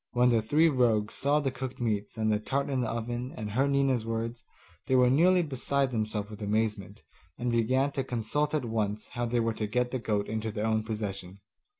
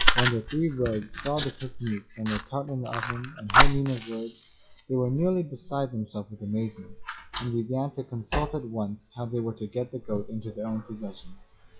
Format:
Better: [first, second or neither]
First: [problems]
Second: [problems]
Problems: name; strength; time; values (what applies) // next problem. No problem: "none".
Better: first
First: none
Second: noise reduction (classical method WPE with log-MMSE)